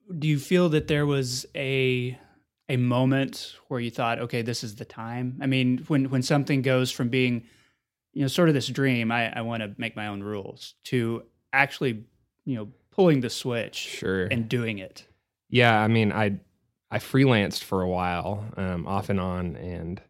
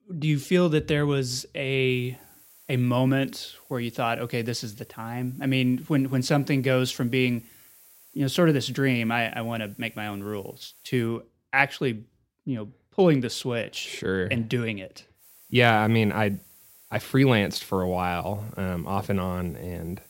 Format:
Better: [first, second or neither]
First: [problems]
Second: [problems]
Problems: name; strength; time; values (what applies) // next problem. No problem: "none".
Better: first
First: none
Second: hiss; faint; from 2 to 11 s and from 15 s on; 25 dB below the speech